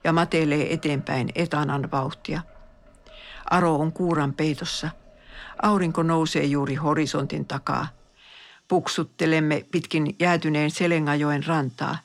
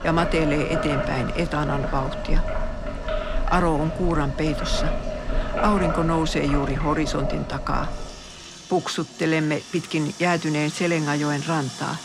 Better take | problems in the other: first | household noises; loud; throughout; 6 dB below the speech; faint in the first

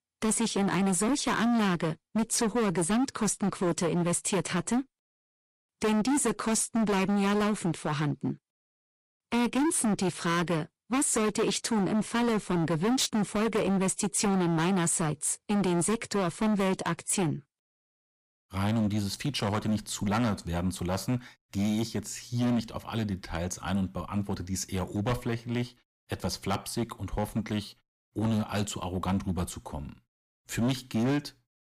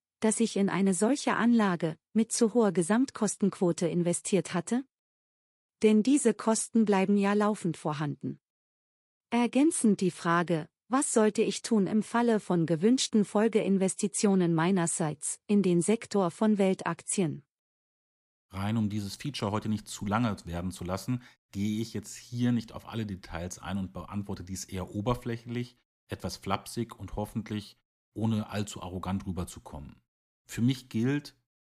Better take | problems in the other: second | distortion; heavy; 17% of the sound clipped

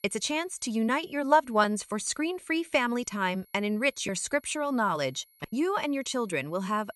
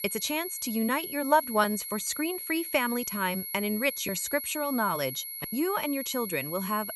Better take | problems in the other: first | high-pitched whine; loud; throughout; 11.5 kHz, 6 dB below the speech; faint in the first

